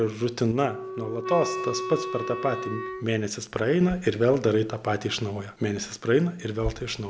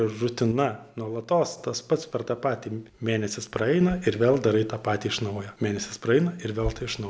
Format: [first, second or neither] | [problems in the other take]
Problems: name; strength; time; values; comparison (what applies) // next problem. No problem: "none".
second | background sound (Wind instrument, woodwind instrument); 7 dB below the speech